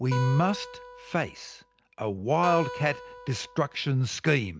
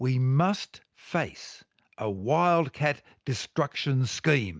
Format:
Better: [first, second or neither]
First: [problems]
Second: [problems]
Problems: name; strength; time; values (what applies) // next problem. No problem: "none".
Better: second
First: background sound (Acoustic guitar); 12 dB below the speech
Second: none